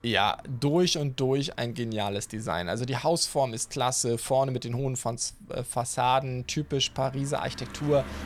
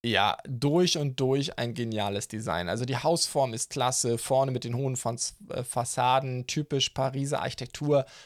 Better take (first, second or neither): second